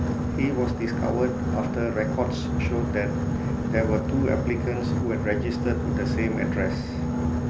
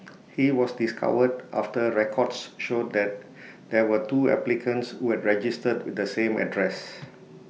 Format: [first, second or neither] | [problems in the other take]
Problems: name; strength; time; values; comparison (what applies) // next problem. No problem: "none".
second | background sound (Boat, Water vehicle); 3 dB above the speech